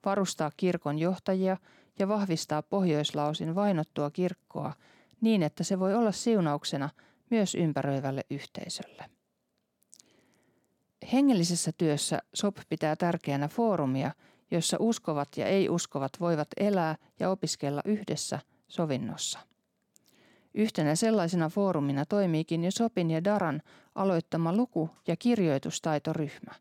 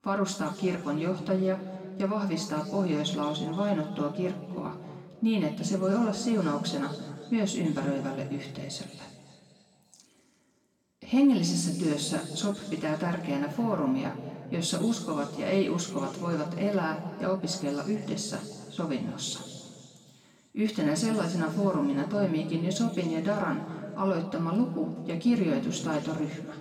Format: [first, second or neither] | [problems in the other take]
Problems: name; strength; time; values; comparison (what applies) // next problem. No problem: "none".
first | room echo; noticeable; dies away in 2.1 s // off-mic speech; far